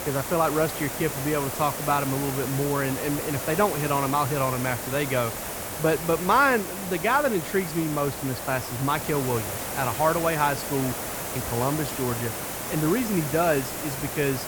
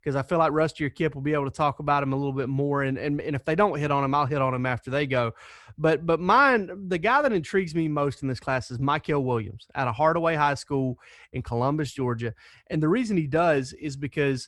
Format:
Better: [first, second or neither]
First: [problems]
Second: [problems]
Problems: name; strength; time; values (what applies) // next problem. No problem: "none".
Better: second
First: hiss; loud; throughout; 5 dB below the speech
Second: none